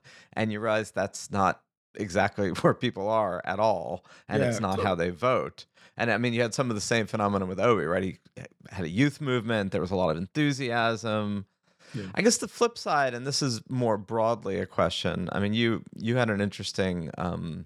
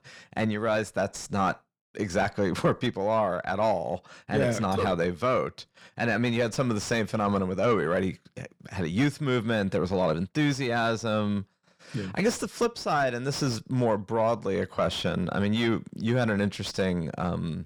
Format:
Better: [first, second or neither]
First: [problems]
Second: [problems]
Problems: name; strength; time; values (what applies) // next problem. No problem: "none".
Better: first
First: none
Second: distortion; slight; 10 dB below the speech